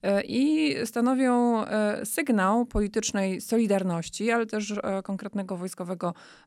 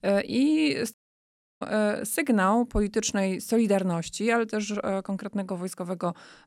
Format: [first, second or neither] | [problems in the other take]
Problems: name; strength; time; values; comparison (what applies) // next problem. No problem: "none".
first | audio cutting out; at 1 s for 0.5 s